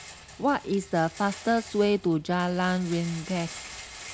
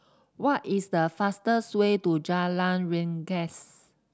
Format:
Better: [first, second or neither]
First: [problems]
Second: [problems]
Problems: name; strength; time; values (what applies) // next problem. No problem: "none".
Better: second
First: background sound (Rattle); 16 dB below the speech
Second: none